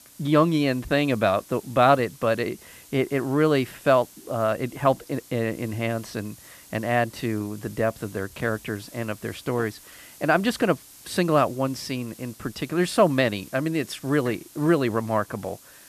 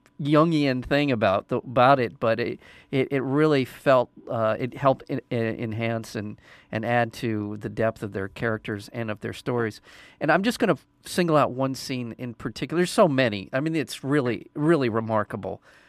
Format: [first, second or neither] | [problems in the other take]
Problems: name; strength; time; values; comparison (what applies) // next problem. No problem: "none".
second | hiss; faint; throughout; 20 dB below the speech